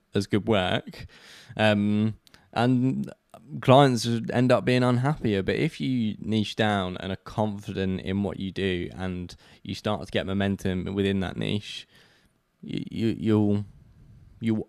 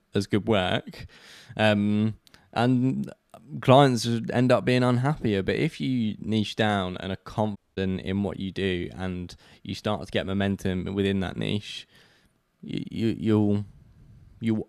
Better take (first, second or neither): first